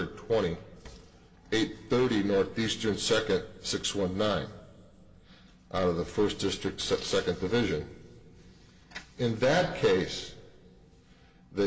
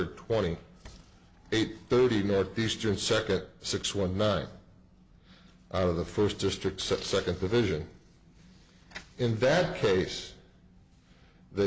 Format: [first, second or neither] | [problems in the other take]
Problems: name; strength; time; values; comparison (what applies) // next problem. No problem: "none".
second | room echo; dies away in 0.3 s